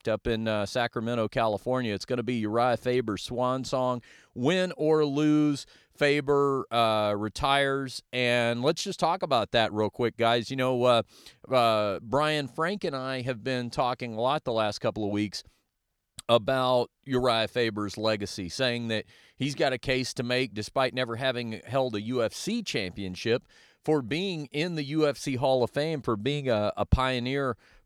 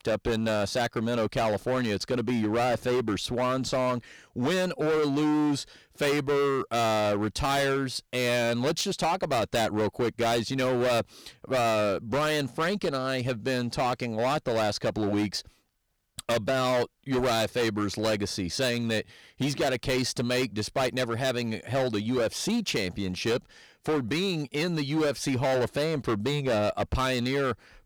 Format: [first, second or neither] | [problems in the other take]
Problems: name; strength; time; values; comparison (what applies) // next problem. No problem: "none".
first | distortion; heavy; 19% of the sound clipped